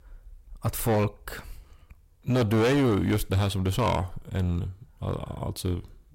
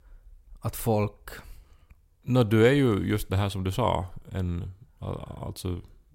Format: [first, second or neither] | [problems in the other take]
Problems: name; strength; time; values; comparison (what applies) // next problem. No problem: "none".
second | distortion; heavy; 9% of the sound clipped